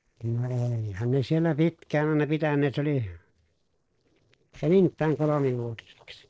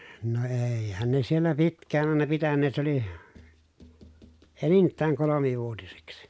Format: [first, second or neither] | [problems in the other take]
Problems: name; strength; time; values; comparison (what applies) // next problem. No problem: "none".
second | noise reduction (neural separator model SepFormer DNS4)